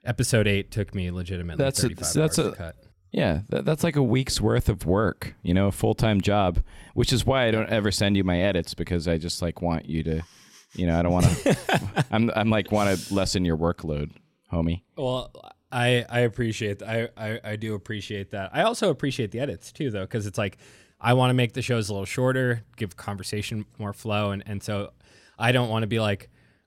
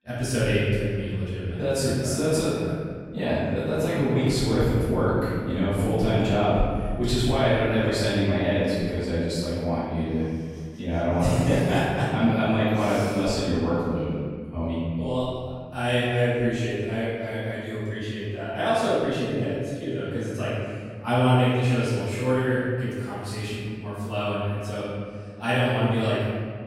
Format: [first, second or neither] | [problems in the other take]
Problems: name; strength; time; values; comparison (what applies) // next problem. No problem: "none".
first | room echo; strong; dies away in 1.9 s // off-mic speech; far